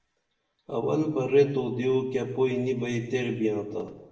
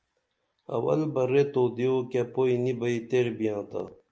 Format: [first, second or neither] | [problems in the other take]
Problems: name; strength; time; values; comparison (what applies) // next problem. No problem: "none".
second | room echo; dies away in 0.9 s